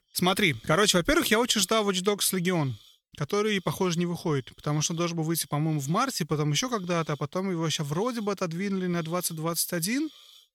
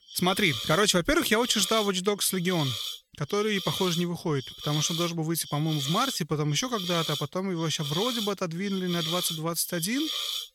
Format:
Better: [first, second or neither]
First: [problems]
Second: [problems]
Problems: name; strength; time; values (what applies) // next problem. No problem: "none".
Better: first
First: hiss; faint; throughout; 25 dB below the speech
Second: hiss; loud; throughout; 6 dB below the speech